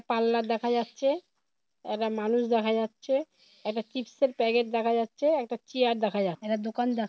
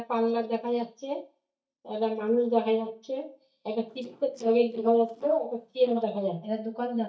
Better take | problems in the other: first | noise reduction (neural mask model DeepFilterNet 3)

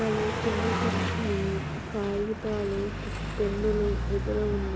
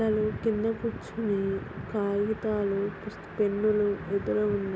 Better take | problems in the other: second | background sound (Car passing by); 1 dB below the speech

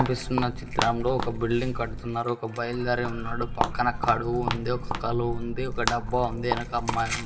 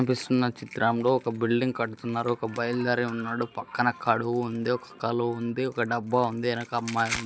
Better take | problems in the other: second | background sound (Walk, footsteps); 3 dB below the speech // room echo; dies away in 2.5 s

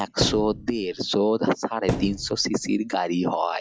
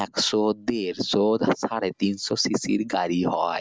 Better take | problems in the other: second | noise reduction (classical method log-MMSE)

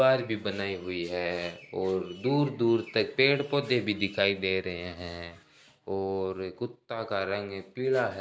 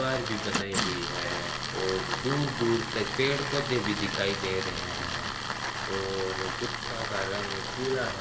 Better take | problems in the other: first | background sound (Tools); 1 dB below the speech // room echo; dies away in 1.5 s

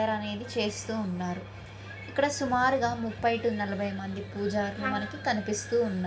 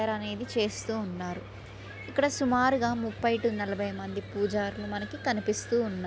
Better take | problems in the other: second | background sound (Trumpet); 9 dB below the speech // room echo; dies away in 0.5 s

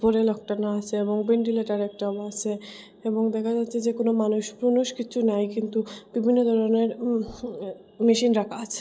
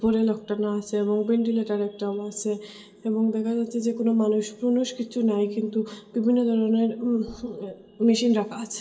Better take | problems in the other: first | room echo; dies away in 0.7 s

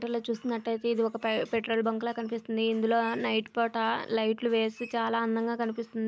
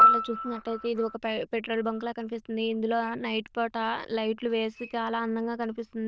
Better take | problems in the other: first | noise reduction (neural diffusion model UNIVERSE++)

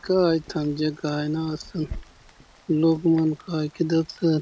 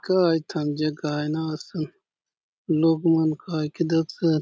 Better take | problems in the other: second | background sound (Rain); 20 dB below the speech

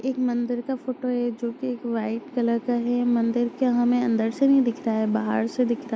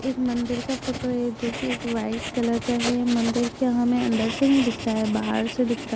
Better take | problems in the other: first | background sound (Writing); 10 dB below the speech

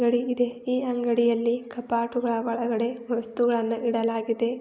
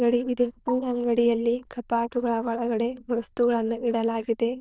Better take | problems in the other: first | noise reduction (neural diffusion model UNIVERSE++)

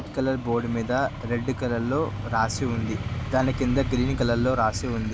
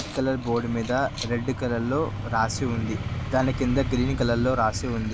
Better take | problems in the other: first | background sound (Keys jangling); 20 dB below the speech

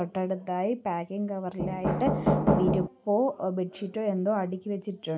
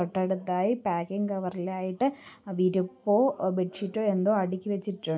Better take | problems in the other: second | background sound (Knock); 4 dB above the speech

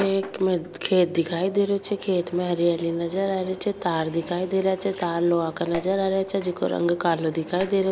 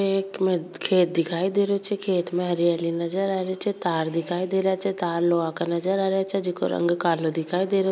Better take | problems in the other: second | background sound (Engine); 18 dB below the speech

